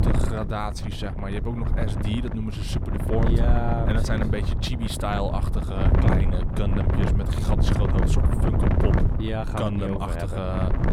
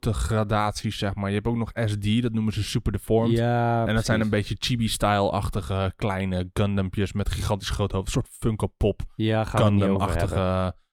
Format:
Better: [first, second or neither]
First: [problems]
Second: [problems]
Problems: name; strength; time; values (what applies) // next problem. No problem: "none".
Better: second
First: wind noise on the microphone; heavy; 2 dB below the speech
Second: none